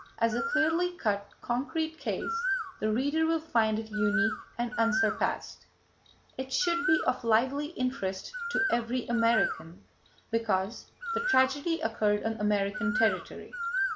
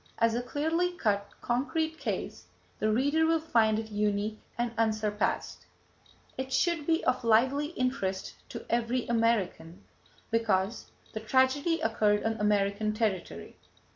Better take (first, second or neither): second